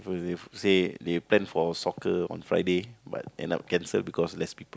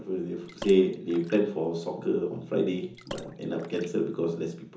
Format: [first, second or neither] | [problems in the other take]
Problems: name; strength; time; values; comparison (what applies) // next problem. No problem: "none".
first | background sound (Water / Splash, splatter); 19 dB below the speech // room echo; dies away in 0.6 s